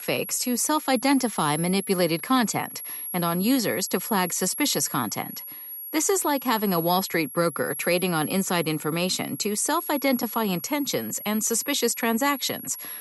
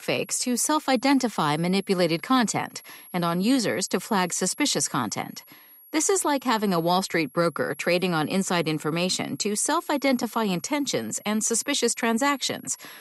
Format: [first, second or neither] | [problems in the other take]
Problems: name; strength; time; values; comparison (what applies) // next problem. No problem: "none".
second | high-pitched whine; loud; throughout; 11.5 kHz, 9 dB below the speech; faint in the second